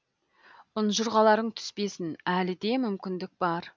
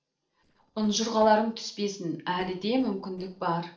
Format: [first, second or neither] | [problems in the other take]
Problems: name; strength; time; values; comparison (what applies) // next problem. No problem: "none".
first | noise reduction (neural separator model SepFormer DNS4)